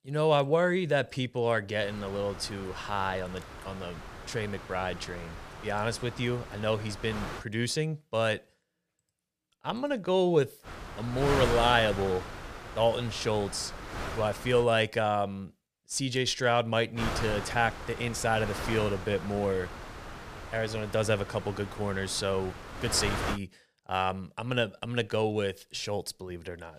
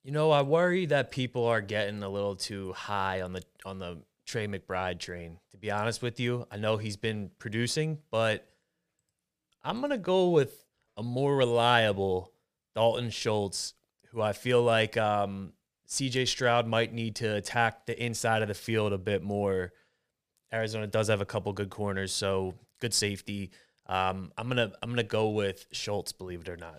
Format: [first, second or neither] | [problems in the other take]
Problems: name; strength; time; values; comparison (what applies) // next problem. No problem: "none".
second | wind noise on the microphone; heavy; from 2 to 7.5 s, from 11 to 15 s and from 17 to 23 s; 9 dB below the speech